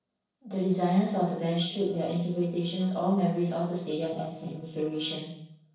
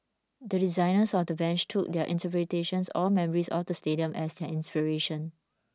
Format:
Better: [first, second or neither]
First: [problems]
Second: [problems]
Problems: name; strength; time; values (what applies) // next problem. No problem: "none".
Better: second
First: noise reduction (neural separator model SepFormer DNS4)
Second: none